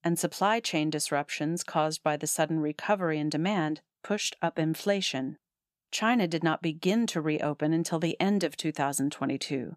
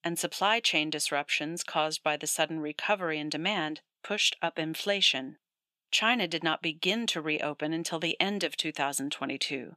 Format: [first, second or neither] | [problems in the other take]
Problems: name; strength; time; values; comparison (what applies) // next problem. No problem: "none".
first | thin; very slightly; fading below 400 Hz